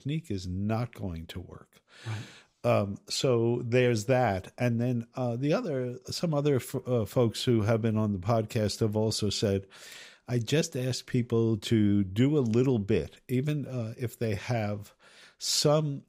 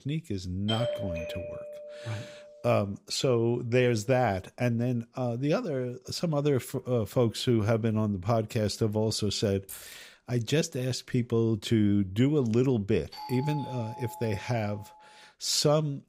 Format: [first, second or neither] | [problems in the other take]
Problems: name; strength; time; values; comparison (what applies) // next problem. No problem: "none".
first | doorbell; noticeable; from 0.5 to 2.5 s; peak 4 dB below the speech // jangling keys; faint; at 9.5 s; peak 15 dB below the speech // doorbell; faint; from 13 to 15 s; peak 10 dB below the speech